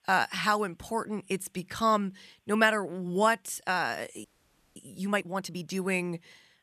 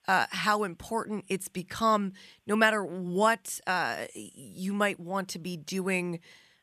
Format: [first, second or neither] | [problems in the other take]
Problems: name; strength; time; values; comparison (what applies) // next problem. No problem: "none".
second | audio freezing; at 4 s for 0.5 s